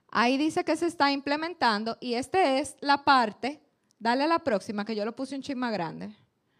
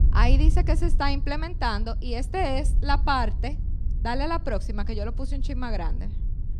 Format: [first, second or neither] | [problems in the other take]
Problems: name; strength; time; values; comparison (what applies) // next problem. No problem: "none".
first | wind noise on the microphone; occasional gusts; 20 dB below the speech